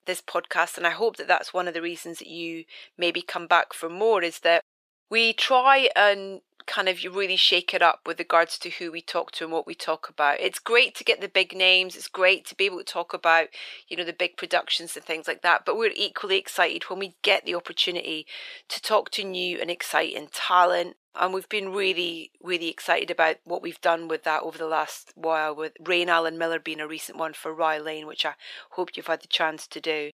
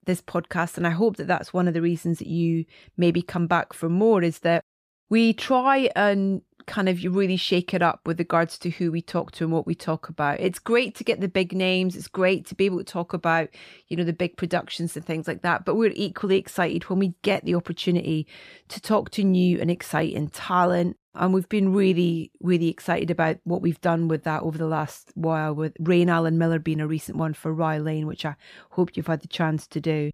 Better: second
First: thin; very; fading below 500 Hz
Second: none

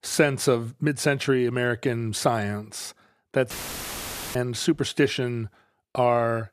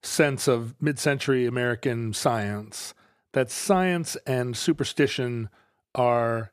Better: second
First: audio cutting out; filled with static; at 3.5 s for 1 s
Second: none

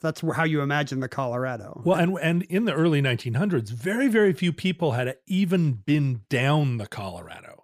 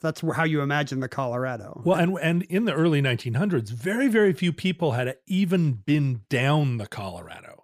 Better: neither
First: none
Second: none

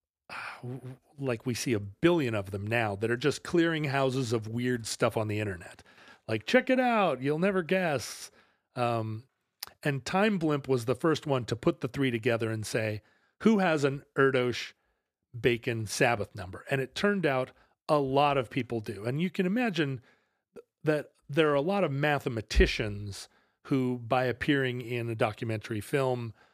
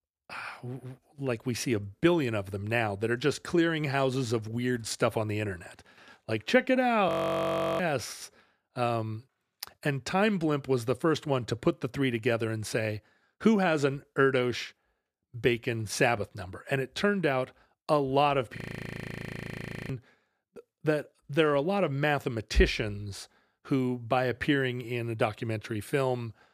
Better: first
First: none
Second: audio freezing; at 7 s for 0.5 s and at 19 s for 1.5 s

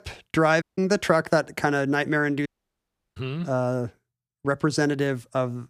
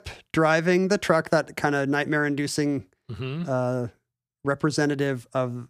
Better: second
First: audio cutting out; at 0.5 s and at 2.5 s for 0.5 s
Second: none

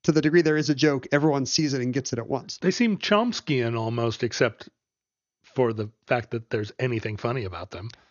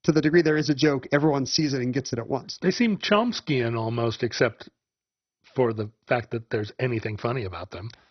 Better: first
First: garbled, watery; slightly; nothing above 6.5 kHz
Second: garbled, watery; badly; nothing above 6 kHz

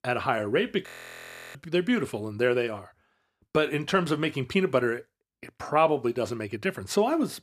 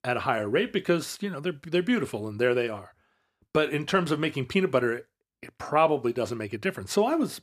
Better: second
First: audio freezing; at 1 s for 0.5 s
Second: none

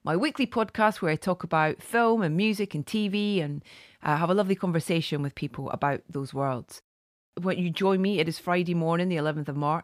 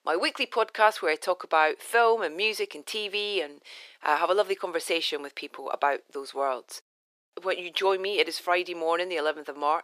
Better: first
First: none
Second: thin; very; fading below 400 Hz

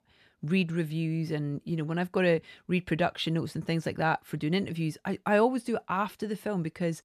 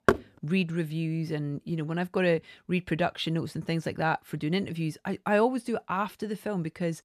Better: first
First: none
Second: door banging; loud; at the start; peak 3 dB above the speech

